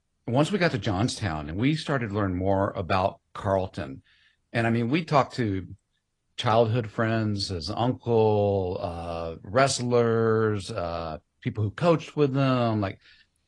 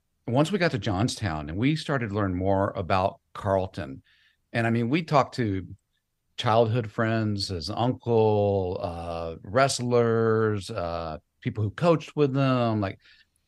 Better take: second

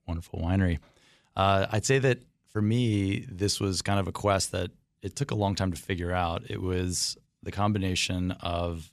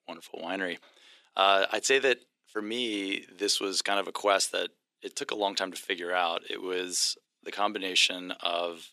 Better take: first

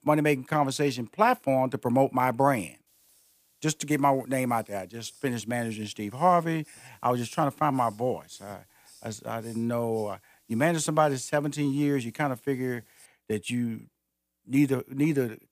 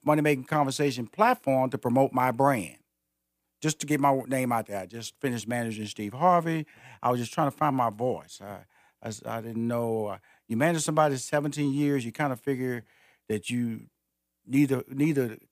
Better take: second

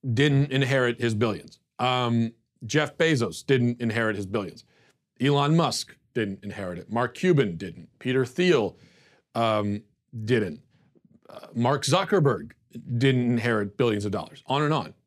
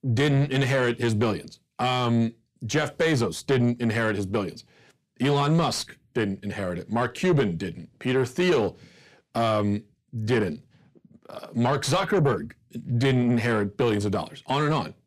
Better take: first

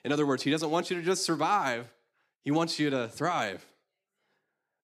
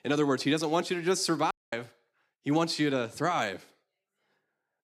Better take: first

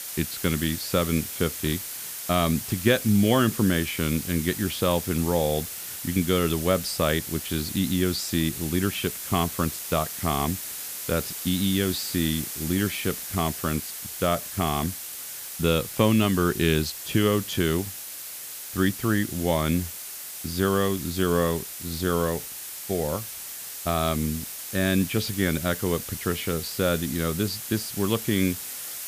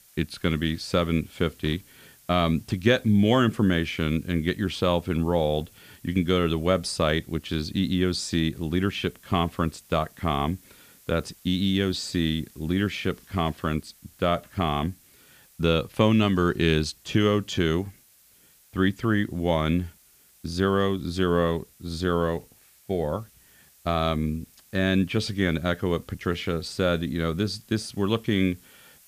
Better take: second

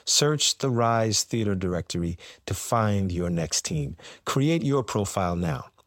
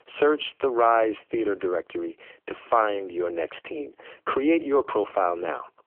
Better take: first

